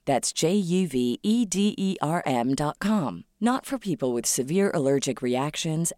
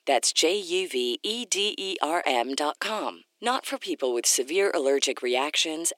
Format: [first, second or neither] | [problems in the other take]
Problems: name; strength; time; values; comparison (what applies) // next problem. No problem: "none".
first | thin; very; fading below 300 Hz